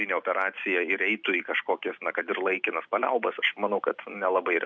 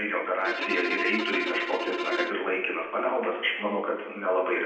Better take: first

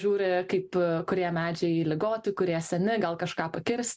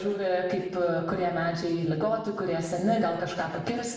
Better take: first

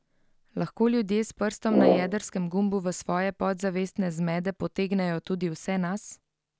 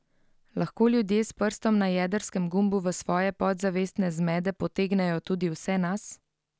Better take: second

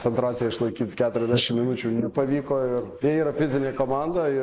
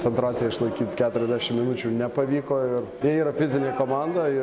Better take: second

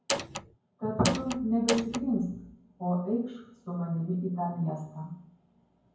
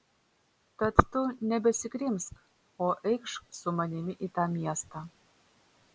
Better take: second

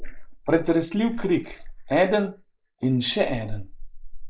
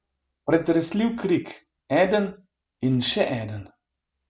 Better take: second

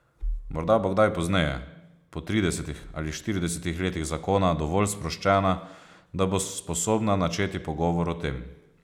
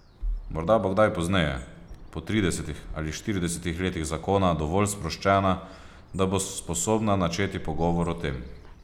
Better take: first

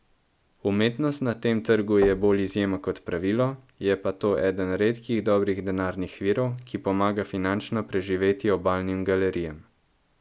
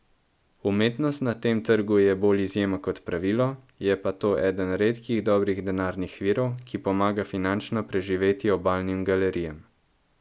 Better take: second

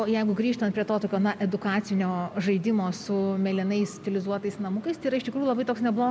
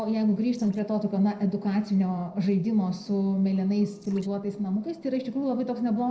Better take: first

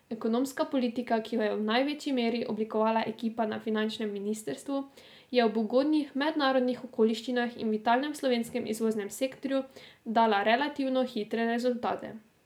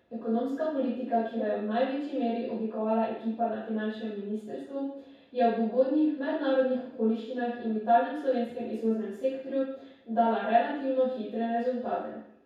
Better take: first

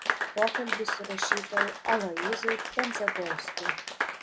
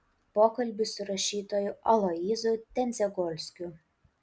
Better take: second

